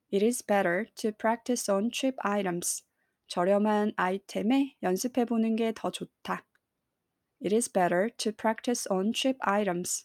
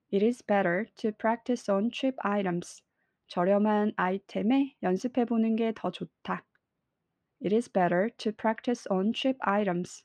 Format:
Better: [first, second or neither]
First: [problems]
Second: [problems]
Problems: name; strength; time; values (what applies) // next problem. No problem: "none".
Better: first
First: none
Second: muffled; slightly; fading above 3 kHz